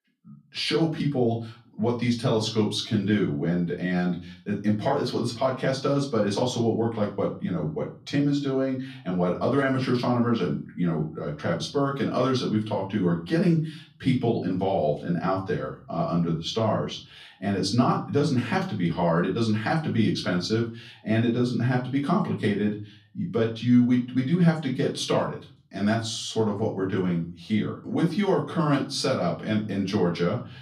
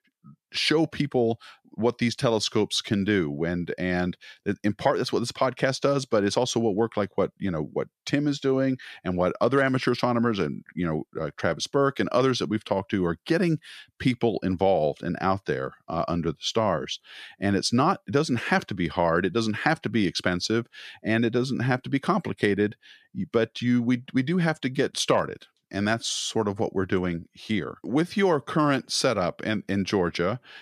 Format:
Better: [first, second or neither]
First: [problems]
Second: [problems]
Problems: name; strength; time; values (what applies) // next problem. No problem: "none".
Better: second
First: room echo; slight; dies away in 0.4 s // off-mic speech; far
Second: none